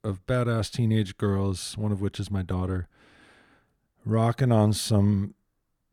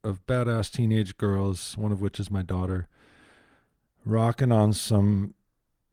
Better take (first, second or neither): first